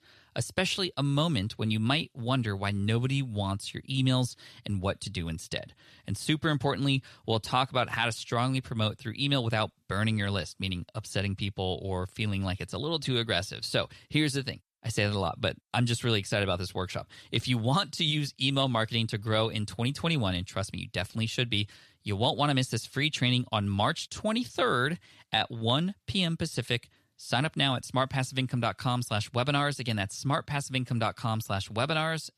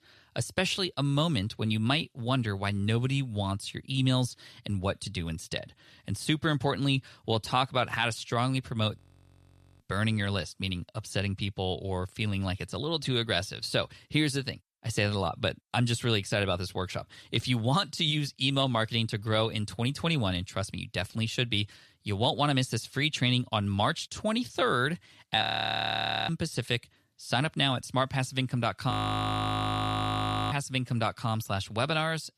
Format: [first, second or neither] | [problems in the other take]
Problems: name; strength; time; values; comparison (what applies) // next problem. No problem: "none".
first | audio freezing; at 9 s for 1 s, at 25 s for 1 s and at 29 s for 1.5 s